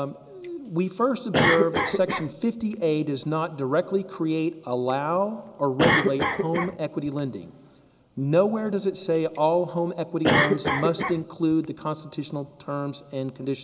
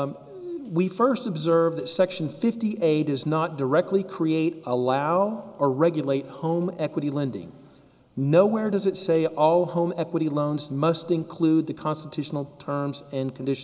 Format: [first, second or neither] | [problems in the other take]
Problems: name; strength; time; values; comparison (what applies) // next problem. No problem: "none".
second | background sound (Cough); 4 dB below the speech